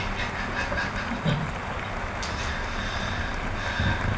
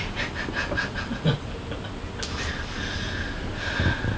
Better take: second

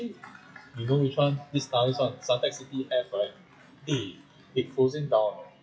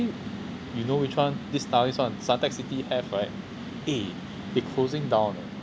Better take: second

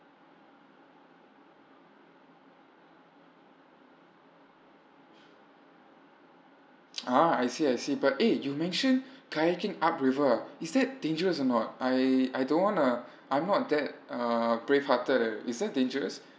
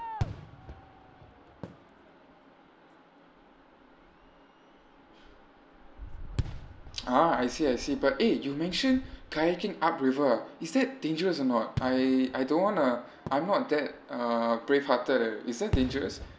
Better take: first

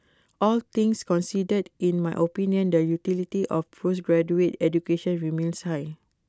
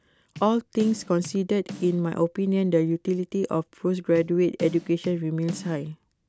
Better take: first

